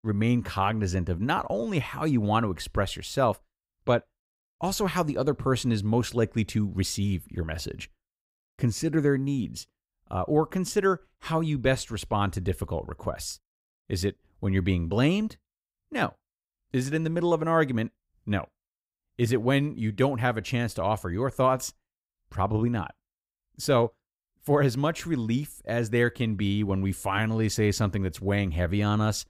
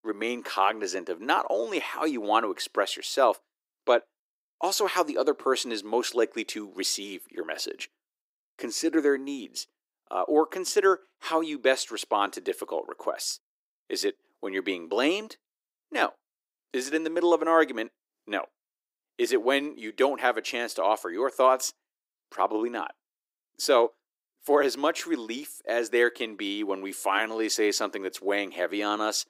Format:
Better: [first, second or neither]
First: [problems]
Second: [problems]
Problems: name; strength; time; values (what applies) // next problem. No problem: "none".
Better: first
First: none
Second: thin; very; fading below 300 Hz